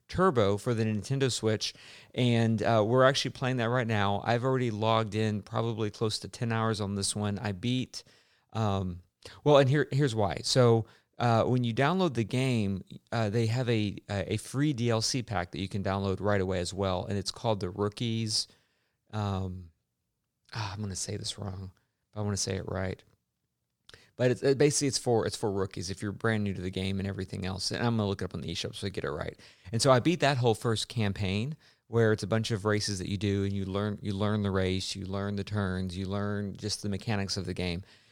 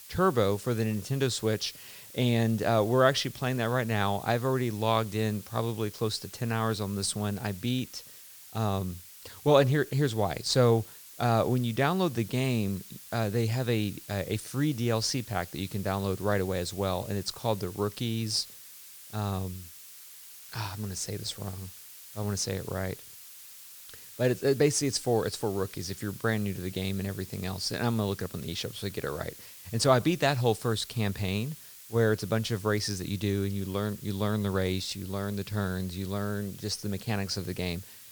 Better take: first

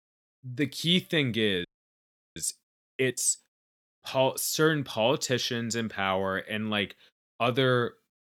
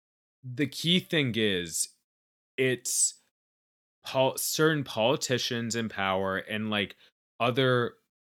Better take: second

